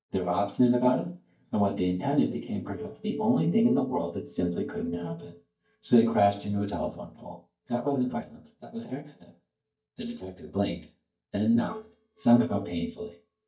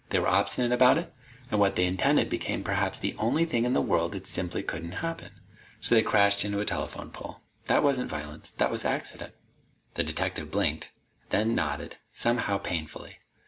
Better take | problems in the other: second | noise reduction (neural mask model DeepFilterNet 3)

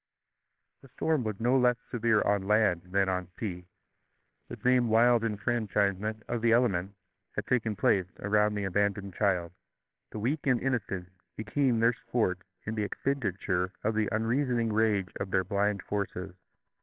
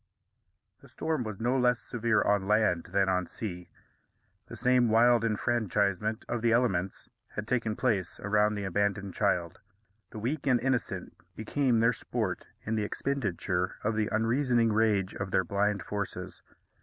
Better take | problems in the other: second | noise reduction (neural separator model SepFormer WHAMR!)

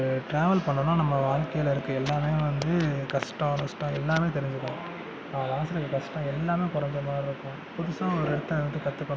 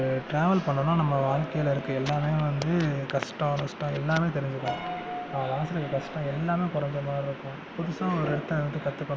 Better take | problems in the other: first | background sound (Piano); 17 dB below the speech

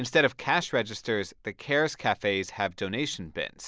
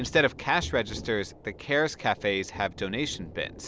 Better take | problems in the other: first | background sound (Thunder / Rain); 15 dB below the speech

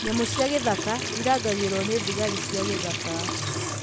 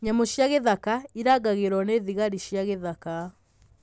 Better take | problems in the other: second | background sound (Trickle, dribble / Sink (filling or washing) / Water tap, faucet); 2 dB below the speech

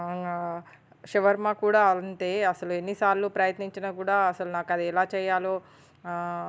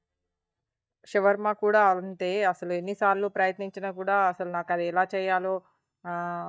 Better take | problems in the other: first | noise reduction (neural mask model DeepFilterNet 3)

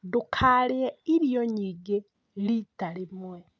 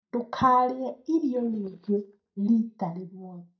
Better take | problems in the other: first | noise reduction (neural mask model DeepFilterNet 3)

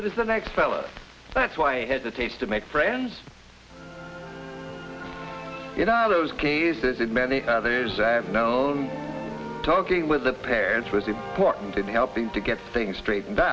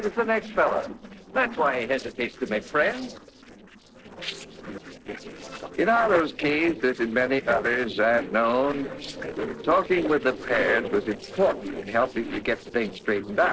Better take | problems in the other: first | noise reduction (neural separator model SepFormer DNS4)

